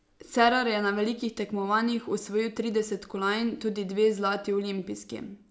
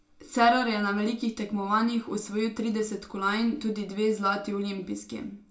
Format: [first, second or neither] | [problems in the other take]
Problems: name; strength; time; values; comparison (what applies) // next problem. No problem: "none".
first | room echo; dies away in 0.2 s